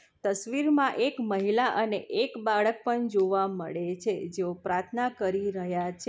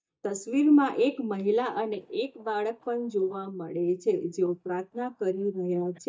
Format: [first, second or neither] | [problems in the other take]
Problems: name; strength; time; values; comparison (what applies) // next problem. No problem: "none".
first | noise reduction (neural mask model DeepFilterNet 3)